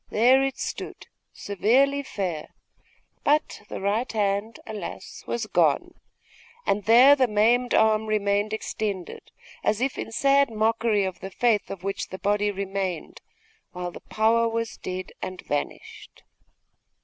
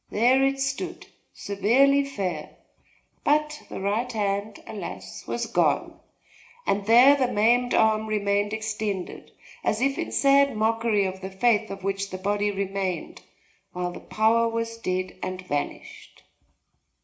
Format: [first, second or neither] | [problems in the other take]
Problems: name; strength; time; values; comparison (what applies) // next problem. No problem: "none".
first | room echo; dies away in 0.4 s